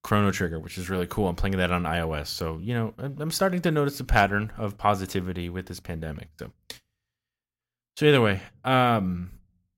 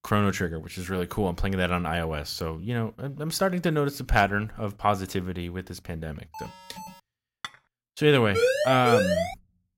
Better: first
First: none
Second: alarm; faint; at 6.5 s; peak 15 dB below the speech // clattering dishes; faint; at 7.5 s; peak 15 dB below the speech // siren; loud; at 8.5 s; peak 3 dB above the speech

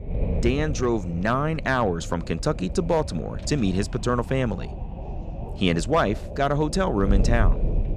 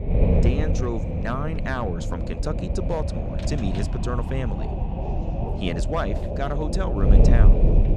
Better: first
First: wind noise on the microphone; occasional gusts; 15 dB below the speech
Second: wind noise on the microphone; heavy; 2 dB below the speech

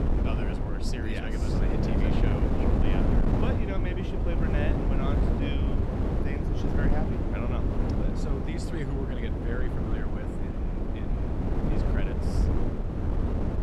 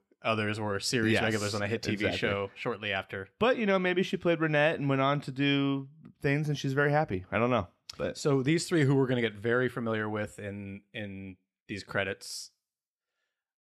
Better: second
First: wind noise on the microphone; heavy; 4 dB above the speech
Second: none

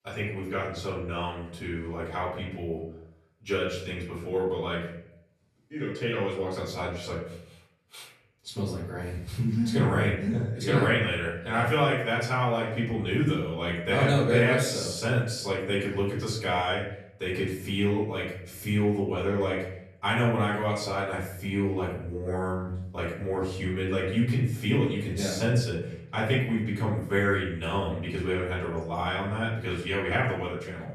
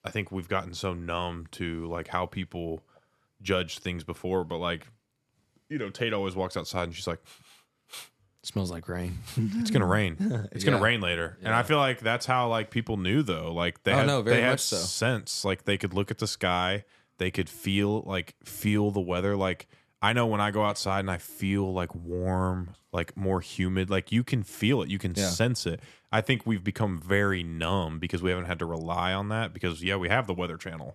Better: second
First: off-mic speech; far // room echo; noticeable; dies away in 0.7 s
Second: none

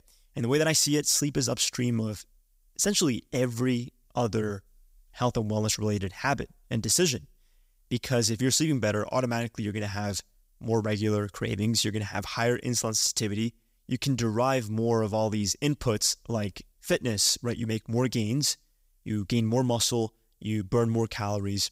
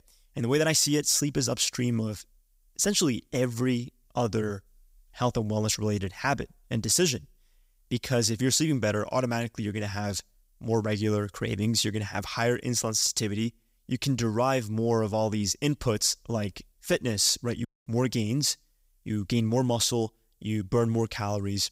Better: first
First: none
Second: audio cutting out; at 18 s

